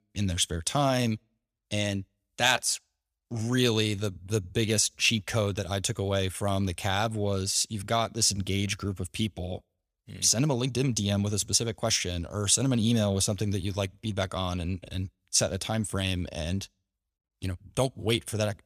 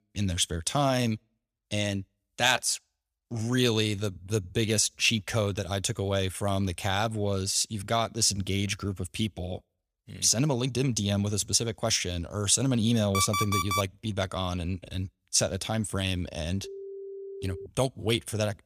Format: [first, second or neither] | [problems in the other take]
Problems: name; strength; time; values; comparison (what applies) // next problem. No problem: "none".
first | alarm; noticeable; at 13 s; peak level with the speech // phone ringing; faint; from 17 to 18 s; peak 15 dB below the speech